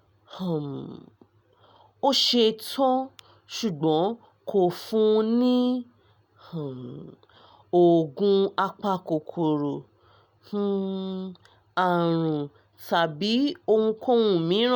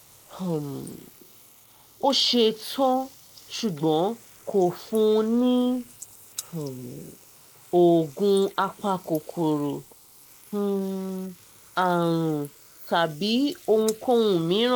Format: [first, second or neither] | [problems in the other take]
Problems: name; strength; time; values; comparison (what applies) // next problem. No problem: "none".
first | noise reduction (neural mask model Resemble Enhance denoiser)